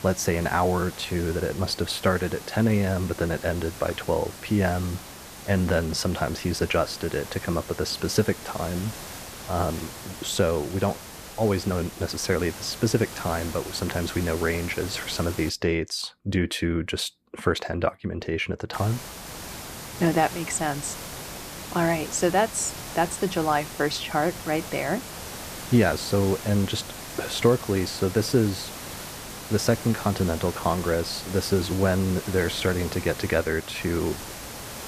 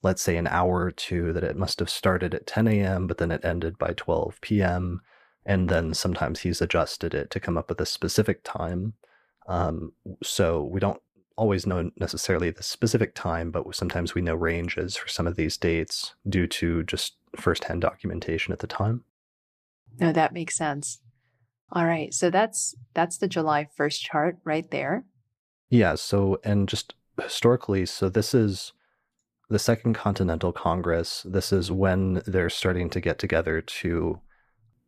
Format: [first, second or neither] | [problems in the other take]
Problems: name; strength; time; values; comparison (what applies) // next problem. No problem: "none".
second | hiss; noticeable; until 15 s and from 19 s on; 10 dB below the speech